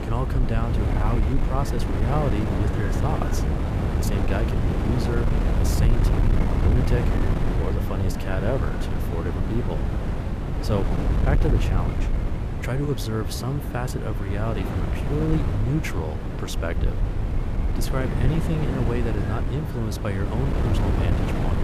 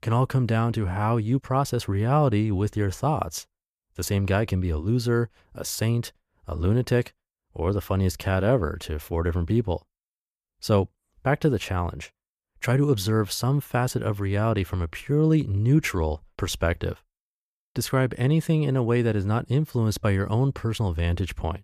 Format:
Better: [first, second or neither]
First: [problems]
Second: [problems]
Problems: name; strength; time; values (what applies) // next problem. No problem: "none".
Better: second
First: wind noise on the microphone; heavy; 1 dB below the speech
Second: none